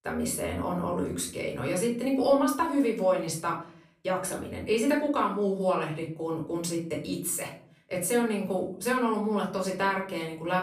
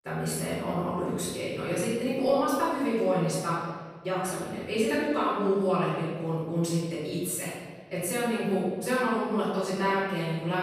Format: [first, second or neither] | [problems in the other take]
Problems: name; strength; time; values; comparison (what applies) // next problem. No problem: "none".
first | room echo; strong; dies away in 1.5 s; slight in the first // off-mic speech; far; far in the first